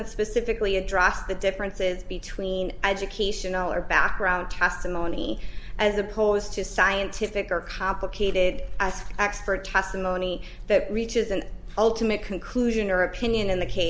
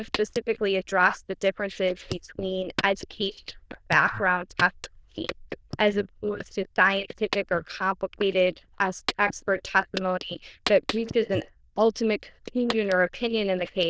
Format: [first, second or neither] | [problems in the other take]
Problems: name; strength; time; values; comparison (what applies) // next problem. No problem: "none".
first | noise reduction (neural diffusion model UNIVERSE++)